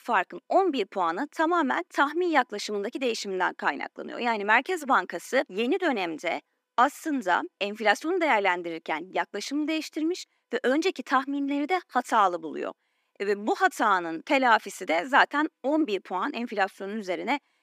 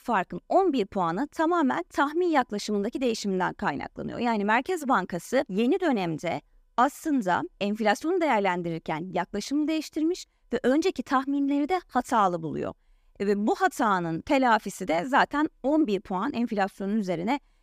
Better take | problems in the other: second | thin; very slightly; fading below 250 Hz

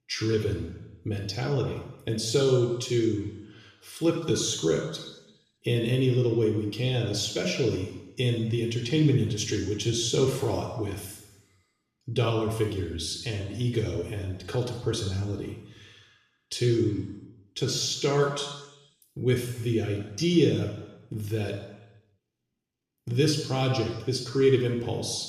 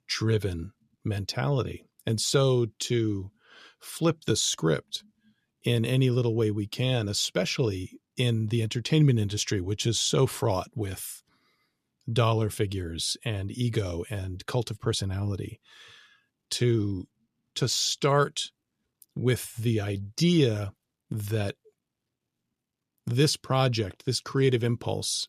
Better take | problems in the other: second | room echo; noticeable; dies away in 1 s // off-mic speech; somewhat distant

